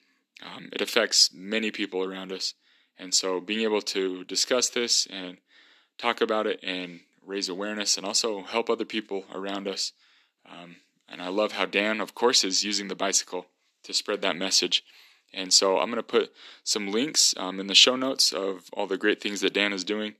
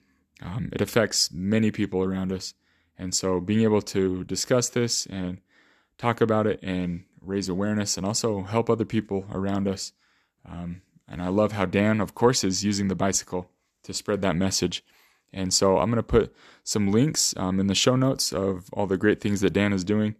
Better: second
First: thin; somewhat; fading below 250 Hz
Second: none

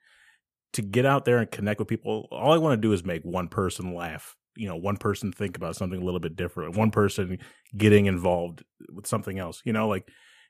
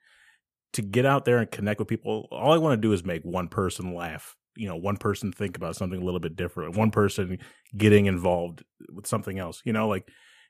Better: neither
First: none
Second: none

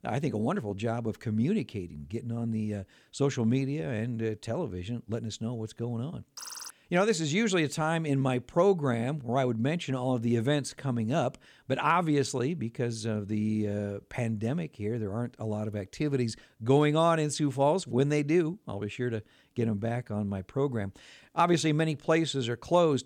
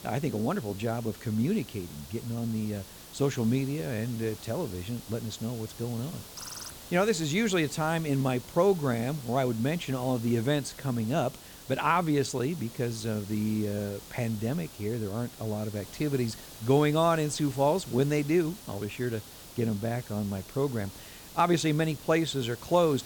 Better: first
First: none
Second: hiss; noticeable; throughout; 15 dB below the speech

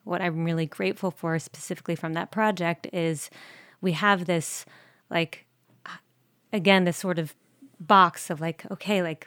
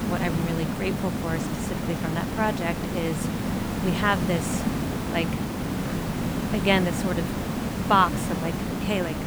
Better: first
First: none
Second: hiss; loud; throughout; 1 dB below the speech

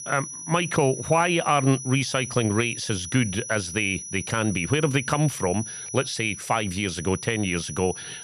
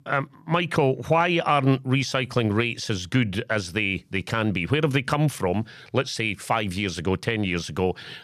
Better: second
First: high-pitched whine; loud; throughout; 6 kHz, 9 dB below the speech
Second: none

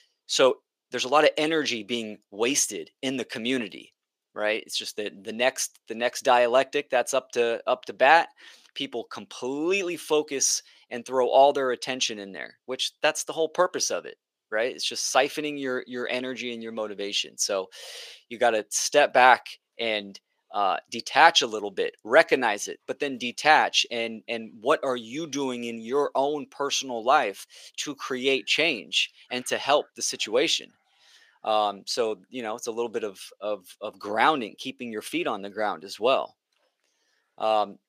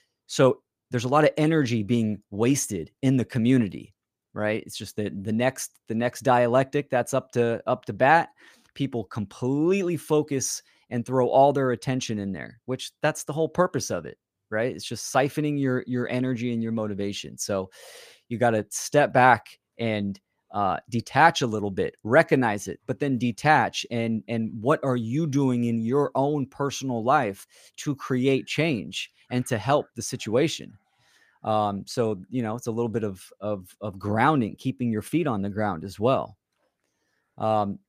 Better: second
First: thin; somewhat; fading below 450 Hz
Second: none

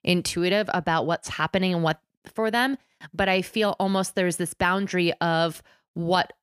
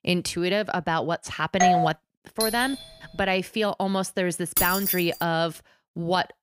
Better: first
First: none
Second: doorbell; loud; at 1.5 s; peak 5 dB above the speech // doorbell; noticeable; at 2.5 s; peak 3 dB below the speech // jangling keys; loud; at 4.5 s; peak 3 dB above the speech

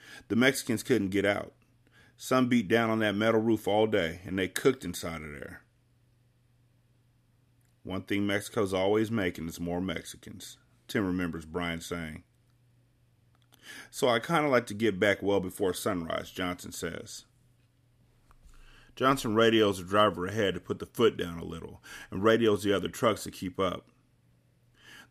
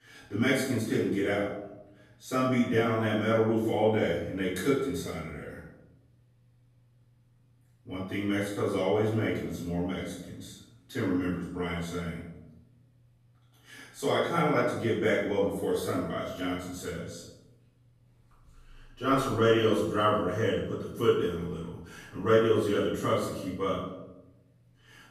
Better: first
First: none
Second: off-mic speech; far // room echo; noticeable; dies away in 0.8 s

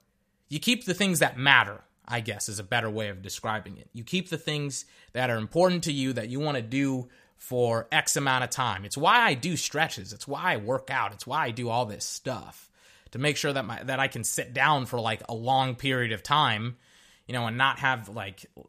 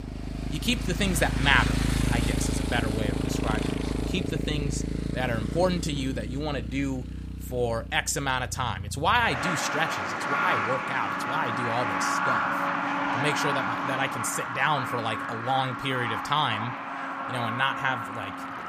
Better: first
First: none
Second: traffic noise; loud; throughout; 1 dB below the speech

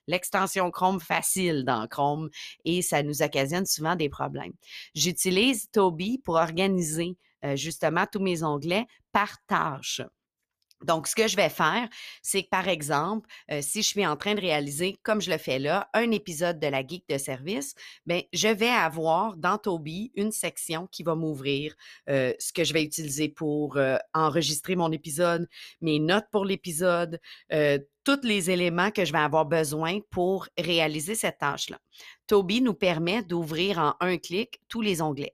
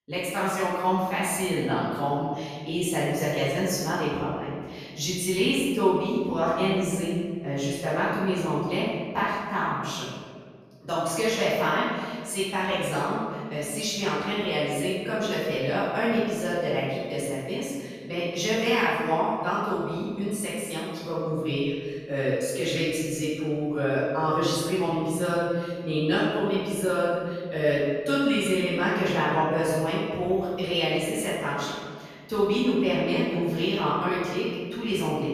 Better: first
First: none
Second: off-mic speech; far // room echo; strong; dies away in 1.8 s

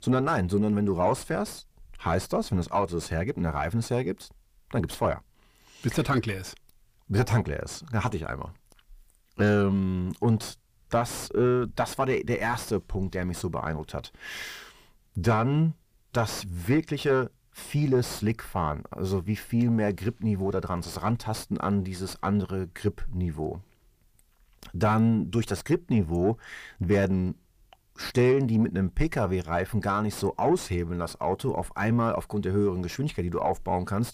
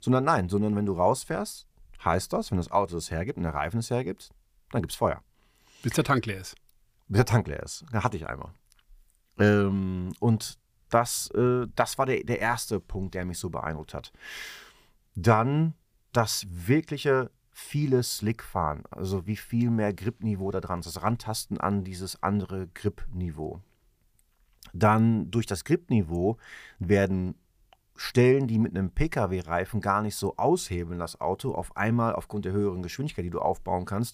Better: second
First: distortion; slight; 9 dB below the speech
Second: none

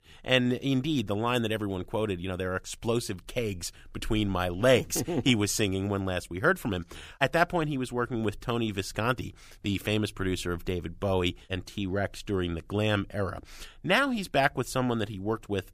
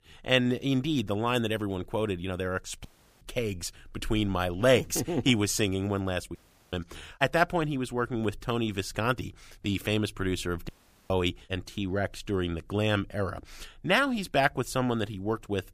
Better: first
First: none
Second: audio cutting out; at 3 s, at 6.5 s and at 11 s

